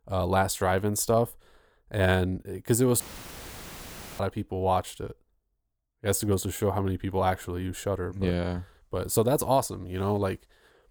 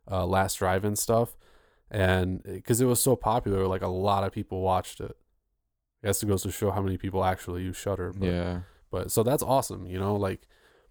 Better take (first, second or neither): second